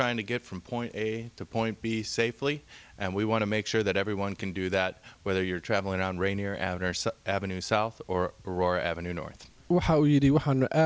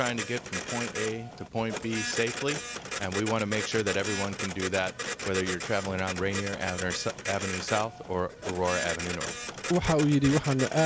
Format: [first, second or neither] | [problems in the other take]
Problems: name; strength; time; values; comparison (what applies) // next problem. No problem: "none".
first | background sound (Printer); 6 dB below the speech